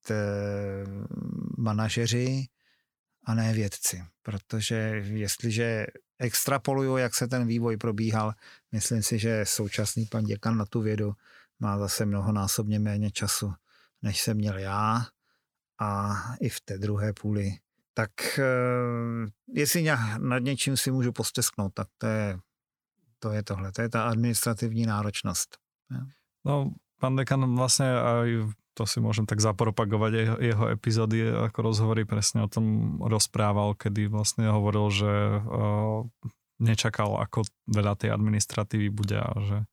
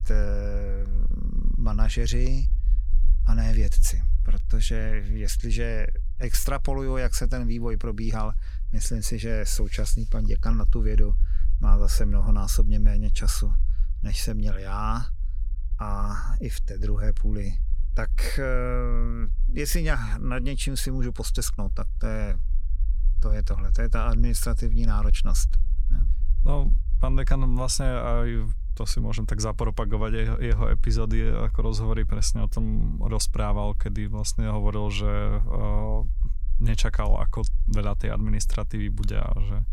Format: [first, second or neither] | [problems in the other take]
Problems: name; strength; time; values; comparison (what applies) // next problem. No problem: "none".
first | low rumble; faint; throughout; 20 dB below the speech